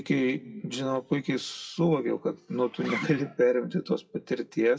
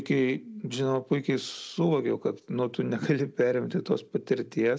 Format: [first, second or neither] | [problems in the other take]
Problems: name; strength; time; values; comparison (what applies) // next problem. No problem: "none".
second | noise reduction (classical method WPE with log-MMSE)